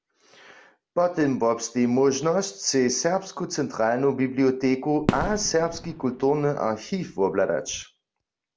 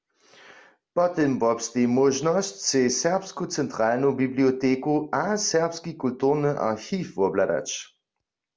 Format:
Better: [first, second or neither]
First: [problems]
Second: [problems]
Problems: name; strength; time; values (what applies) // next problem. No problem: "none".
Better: second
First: background sound (Fireworks); 10 dB below the speech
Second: none